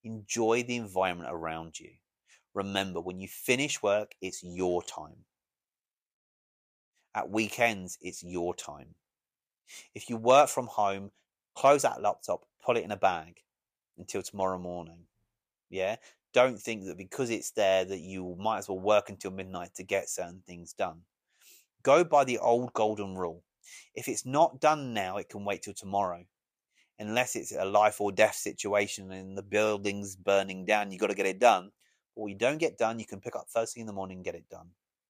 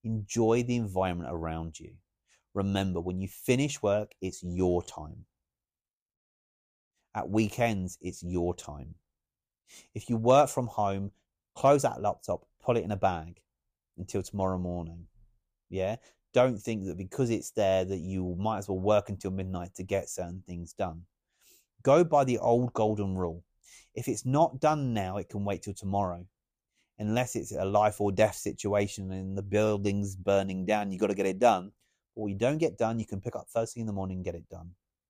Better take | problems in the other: second | thin; somewhat; fading below 1 kHz

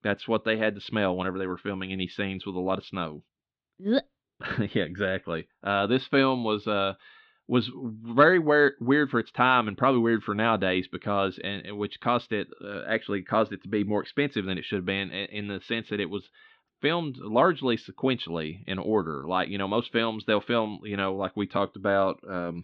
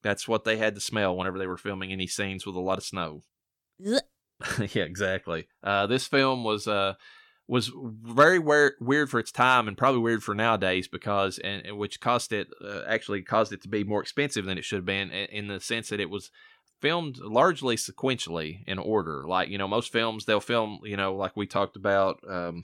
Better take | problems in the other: second | muffled; slightly; fading above 3.5 kHz

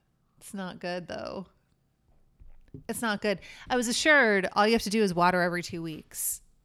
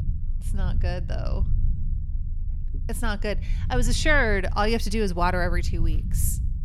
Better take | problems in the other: first | low rumble; faint; throughout; 20 dB below the speech

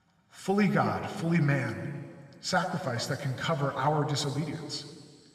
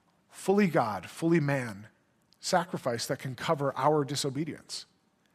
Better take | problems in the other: second | room echo; slight; dies away in 2.2 s

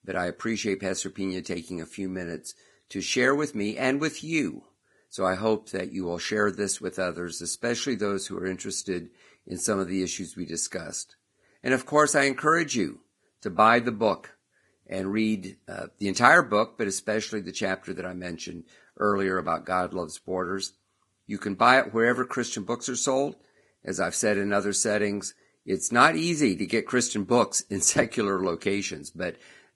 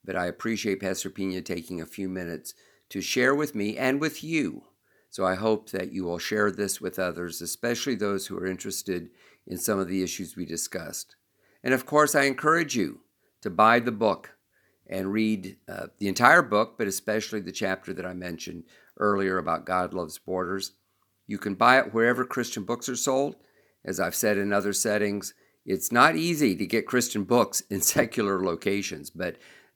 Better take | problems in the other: second | garbled, watery; badly; nothing above 10.5 kHz

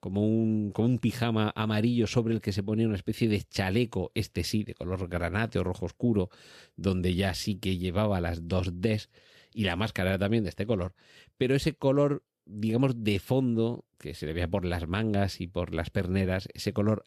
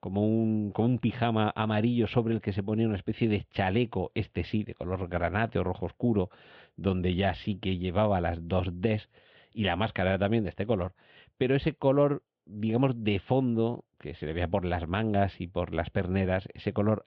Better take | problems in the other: first | muffled; very; fading above 3.5 kHz

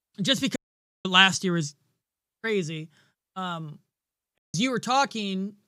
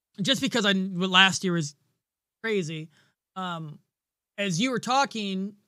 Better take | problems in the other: second | audio cutting out; at 0.5 s and at 4.5 s

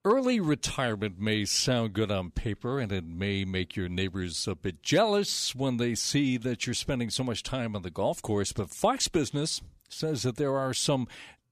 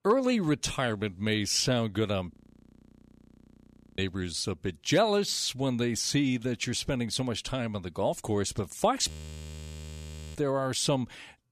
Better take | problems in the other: first | audio freezing; at 2.5 s for 1.5 s and at 9 s for 1.5 s

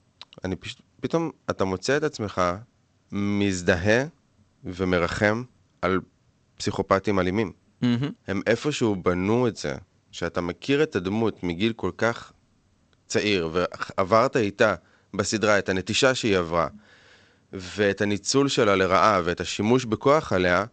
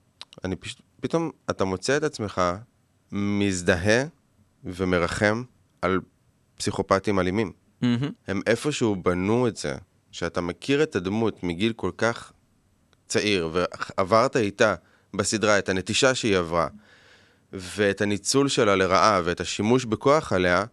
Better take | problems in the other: second | garbled, watery; slightly; nothing above 8 kHz

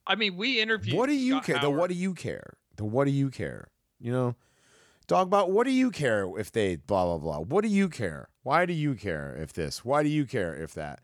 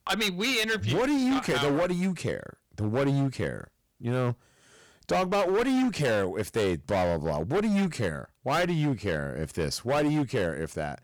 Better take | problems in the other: first | distortion; heavy; 18% of the sound clipped

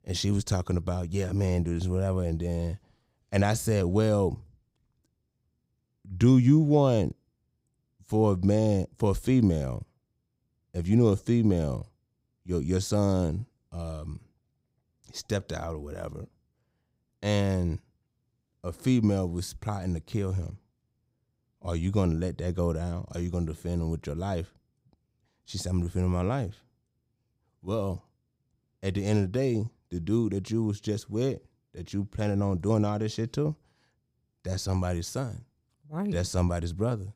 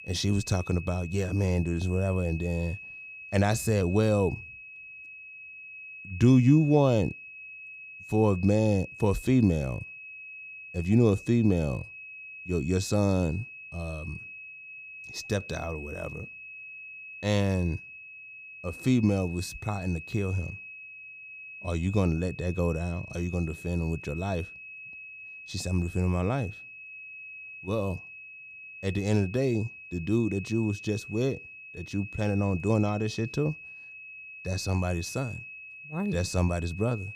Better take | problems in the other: first | high-pitched whine; noticeable; throughout; 2.5 kHz, 15 dB below the speech

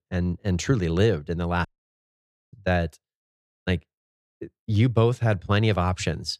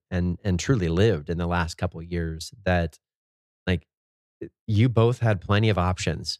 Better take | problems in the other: second | audio cutting out; at 1.5 s for 1 s

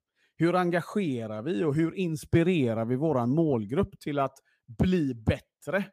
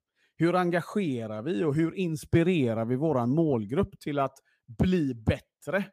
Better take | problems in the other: neither | none

